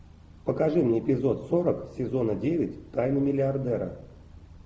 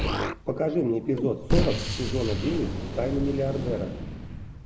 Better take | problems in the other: first | background sound (Explosion); 1 dB below the speech

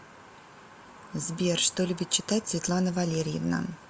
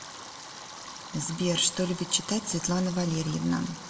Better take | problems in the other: first | background sound (Stream); 14 dB below the speech // room echo; dies away in 1.2 s

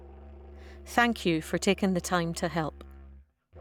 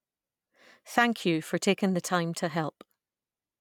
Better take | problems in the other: second | background sound (Musical instrument); 17 dB below the speech

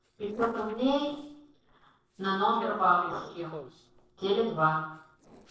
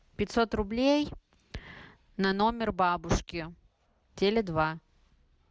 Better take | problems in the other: second | noise reduction (neural separator model SepFormer DNS4)

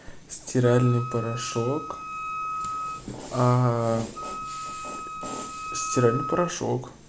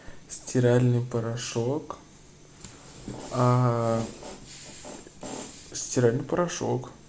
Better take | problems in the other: second | background sound (Wind instrument, woodwind instrument); 8 dB below the speech

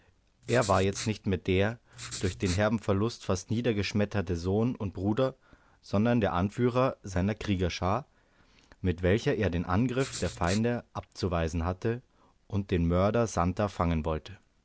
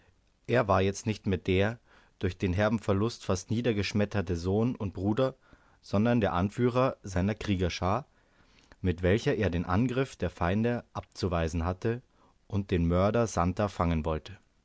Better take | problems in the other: second | background sound (Writing); 13 dB below the speech

